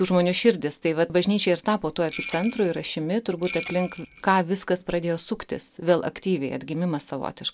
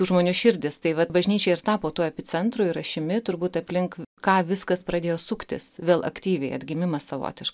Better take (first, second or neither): second